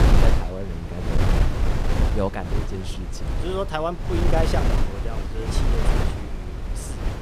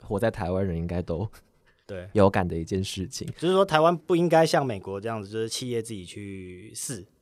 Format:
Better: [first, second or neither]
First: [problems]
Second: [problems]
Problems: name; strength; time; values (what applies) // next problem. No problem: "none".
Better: second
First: wind noise on the microphone; heavy; 2 dB below the speech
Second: none